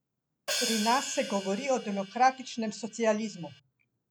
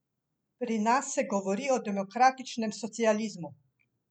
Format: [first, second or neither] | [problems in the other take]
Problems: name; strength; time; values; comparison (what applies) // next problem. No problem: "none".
second | background sound (Hi-hat); 8 dB below the speech